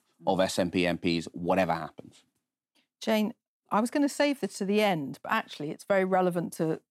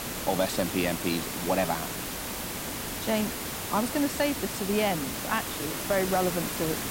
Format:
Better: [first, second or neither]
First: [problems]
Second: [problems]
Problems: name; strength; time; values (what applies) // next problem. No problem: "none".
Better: first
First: none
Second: hiss; loud; throughout; 3 dB below the speech